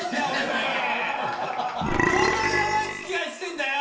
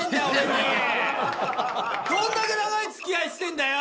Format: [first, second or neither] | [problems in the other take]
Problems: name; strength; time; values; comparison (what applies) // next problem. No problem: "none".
second | background sound (Burping, eructation); 1 dB above the speech // room echo; dies away in 0.9 s